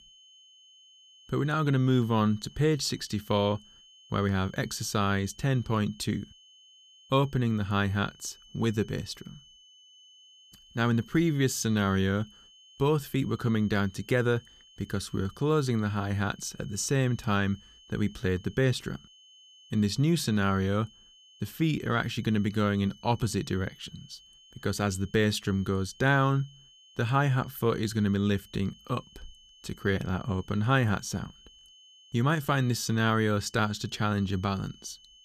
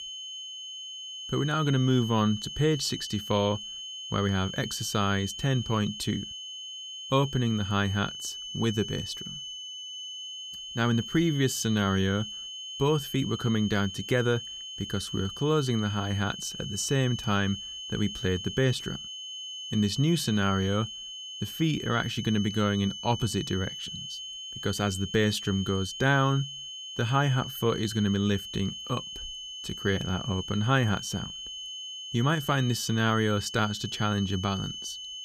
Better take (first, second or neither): first